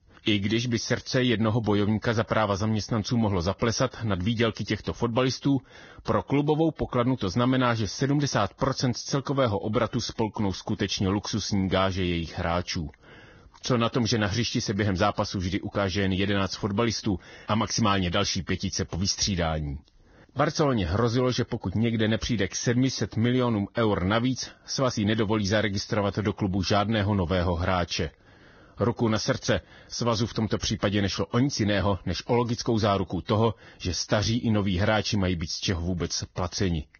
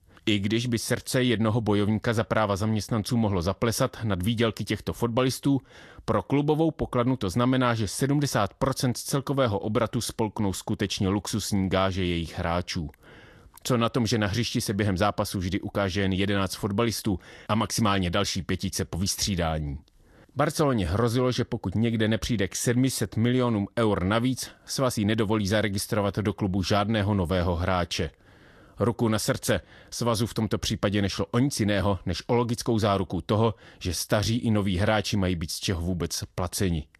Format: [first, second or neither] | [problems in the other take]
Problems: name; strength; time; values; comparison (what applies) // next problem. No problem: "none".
second | garbled, watery; badly; nothing above 6.5 kHz; slightly in the second